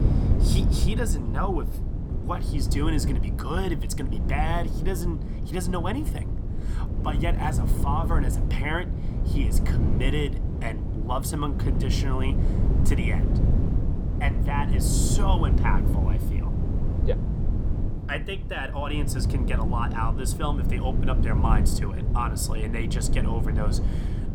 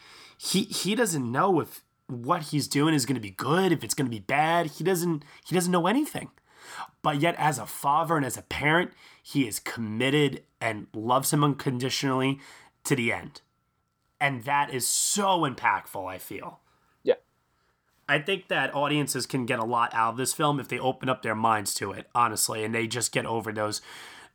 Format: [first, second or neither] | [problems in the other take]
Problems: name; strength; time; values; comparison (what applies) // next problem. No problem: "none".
second | wind noise on the microphone; heavy; 6 dB below the speech